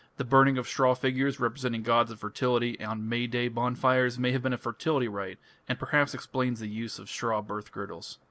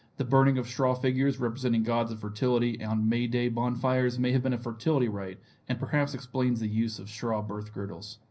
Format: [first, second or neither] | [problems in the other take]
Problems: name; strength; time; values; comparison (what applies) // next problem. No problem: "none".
first | room echo; dies away in 0.5 s